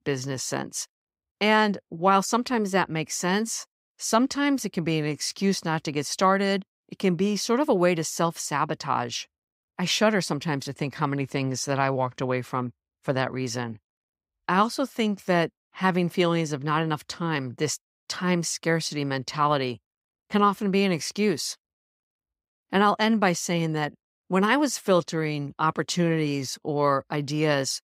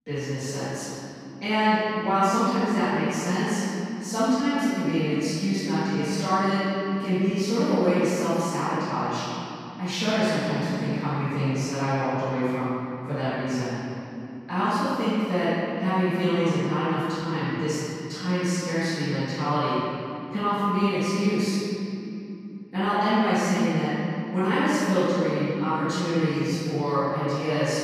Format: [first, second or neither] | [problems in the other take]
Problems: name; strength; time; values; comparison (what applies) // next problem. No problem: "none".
first | off-mic speech; far // room echo; strong; dies away in 3 s